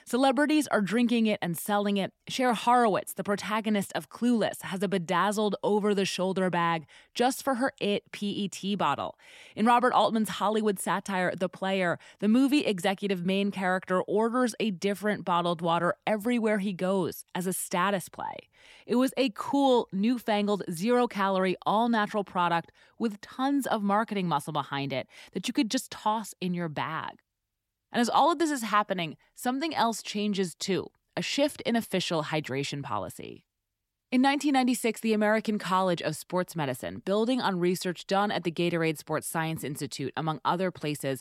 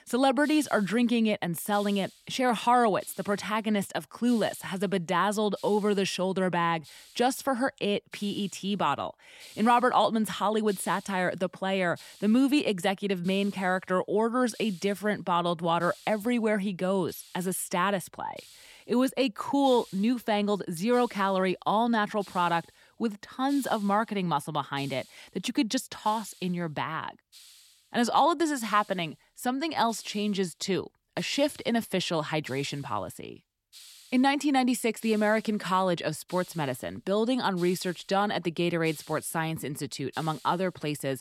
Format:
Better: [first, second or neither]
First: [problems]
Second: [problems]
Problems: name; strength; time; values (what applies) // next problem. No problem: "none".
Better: first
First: none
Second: hiss; faint; throughout; 25 dB below the speech